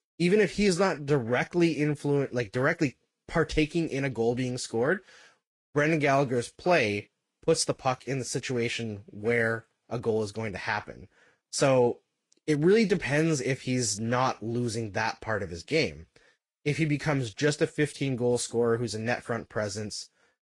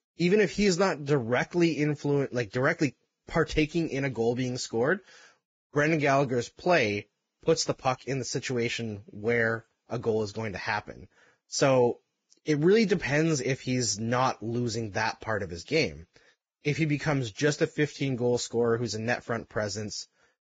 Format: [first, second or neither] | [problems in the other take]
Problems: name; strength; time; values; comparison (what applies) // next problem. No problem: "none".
first | garbled, watery; badly; nothing above 7.5 kHz; slightly in the first